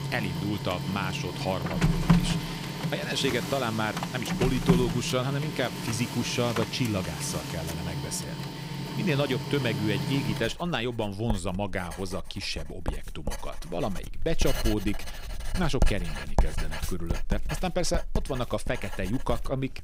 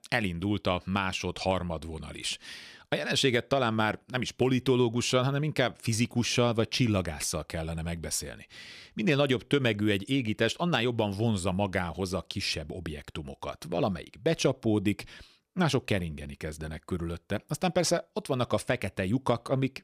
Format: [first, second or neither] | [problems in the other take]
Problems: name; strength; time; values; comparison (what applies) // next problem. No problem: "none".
second | household noises; loud; throughout; 1 dB below the speech